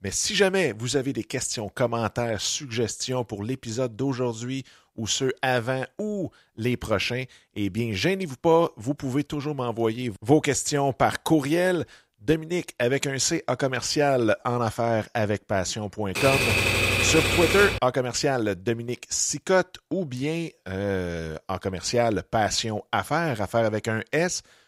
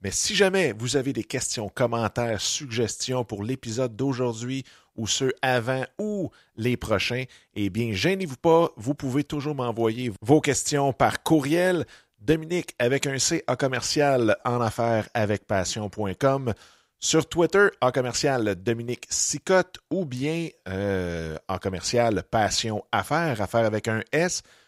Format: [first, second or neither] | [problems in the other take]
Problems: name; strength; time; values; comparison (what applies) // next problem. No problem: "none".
second | keyboard typing; loud; from 16 to 18 s; peak 5 dB above the speech